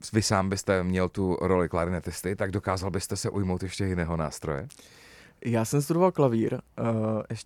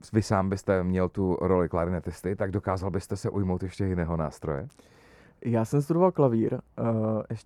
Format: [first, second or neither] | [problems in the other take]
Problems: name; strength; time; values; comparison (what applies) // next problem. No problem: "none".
first | muffled; slightly; fading above 2 kHz